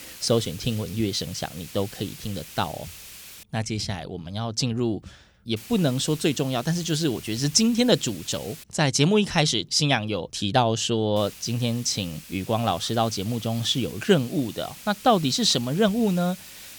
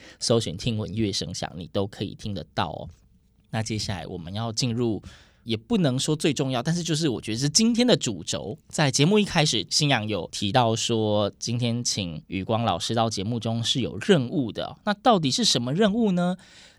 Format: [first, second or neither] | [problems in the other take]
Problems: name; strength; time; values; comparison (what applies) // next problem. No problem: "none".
second | hiss; noticeable; until 3.5 s, from 5.5 to 8.5 s and from 11 s on; 15 dB below the speech